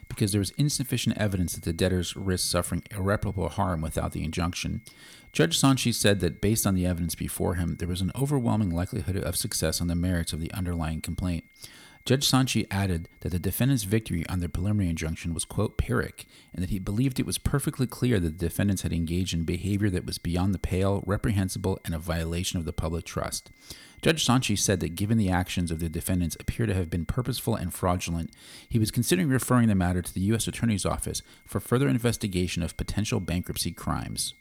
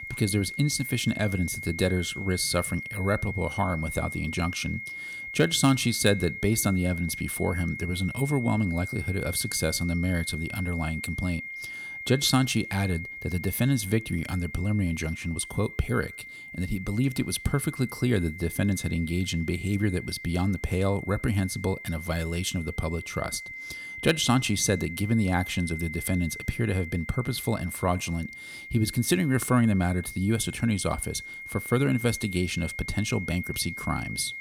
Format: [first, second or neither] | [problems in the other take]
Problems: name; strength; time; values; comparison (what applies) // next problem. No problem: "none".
first | high-pitched whine; loud; throughout; 2 kHz, 9 dB below the speech; faint in the first